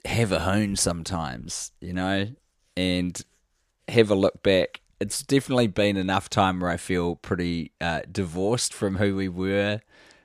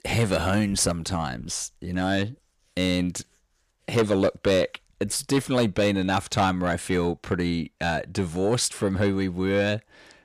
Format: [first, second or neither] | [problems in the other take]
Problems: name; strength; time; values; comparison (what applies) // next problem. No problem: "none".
first | distortion; slight; 10 dB below the speech